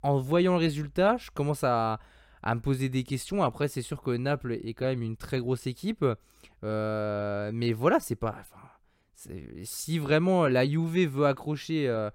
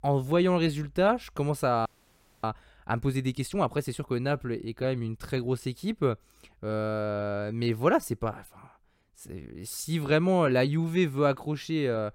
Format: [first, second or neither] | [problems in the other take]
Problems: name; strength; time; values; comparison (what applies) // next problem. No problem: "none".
first | audio freezing; at 2 s for 0.5 s